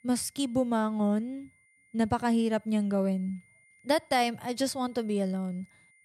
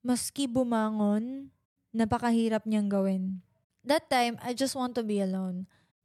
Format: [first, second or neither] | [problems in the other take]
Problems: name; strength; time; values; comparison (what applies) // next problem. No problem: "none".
second | high-pitched whine; faint; throughout; 2 kHz, 30 dB below the speech